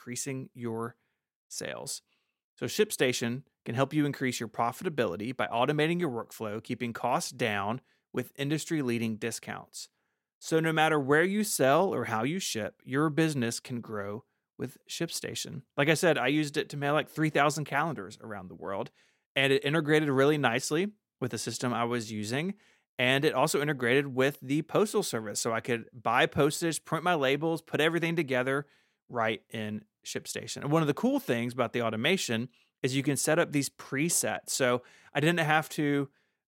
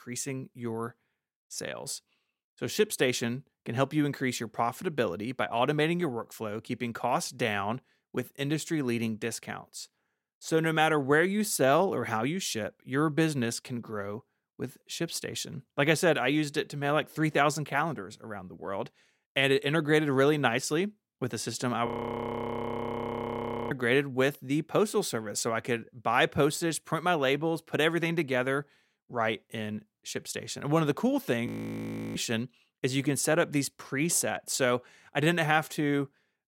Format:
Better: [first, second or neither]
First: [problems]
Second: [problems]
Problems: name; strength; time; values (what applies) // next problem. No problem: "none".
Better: first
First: none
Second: audio freezing; at 22 s for 2 s and at 31 s for 0.5 s